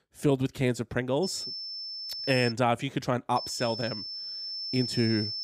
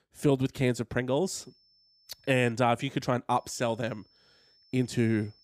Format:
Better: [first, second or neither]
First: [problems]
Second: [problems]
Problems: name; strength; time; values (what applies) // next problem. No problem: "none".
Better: second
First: high-pitched whine; loud; from 1 to 2.5 s and from 3.5 s on; 5.5 kHz, 5 dB below the speech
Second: high-pitched whine; faint; from 1 to 2.5 s and from 3.5 s on; 5.5 kHz, 35 dB below the speech